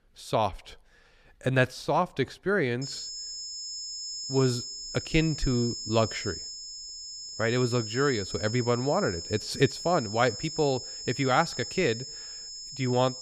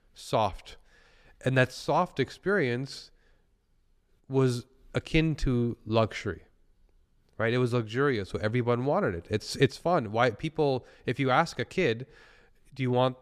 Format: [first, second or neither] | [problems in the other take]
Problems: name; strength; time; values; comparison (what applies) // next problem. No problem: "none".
second | high-pitched whine; loud; from 3 s on; 5 kHz, 8 dB below the speech